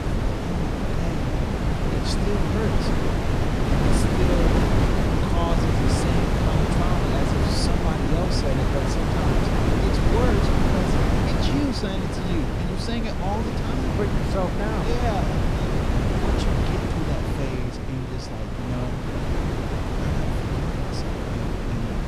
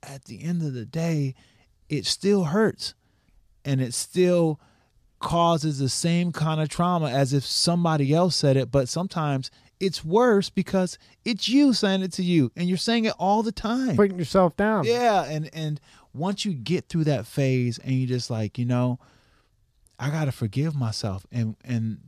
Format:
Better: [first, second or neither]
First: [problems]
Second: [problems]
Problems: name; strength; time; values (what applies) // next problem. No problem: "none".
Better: second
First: wind noise on the microphone; heavy; 5 dB above the speech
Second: none